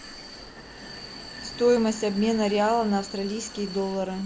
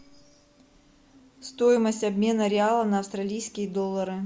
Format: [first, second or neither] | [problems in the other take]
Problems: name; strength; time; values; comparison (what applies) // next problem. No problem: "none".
second | background sound (Vehicle); 14 dB below the speech